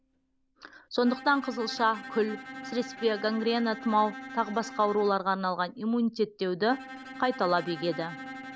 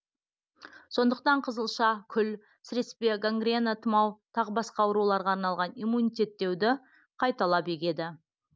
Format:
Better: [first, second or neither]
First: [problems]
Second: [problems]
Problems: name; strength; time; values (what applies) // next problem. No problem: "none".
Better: second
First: background sound (Bowed string instrument); 14 dB below the speech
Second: none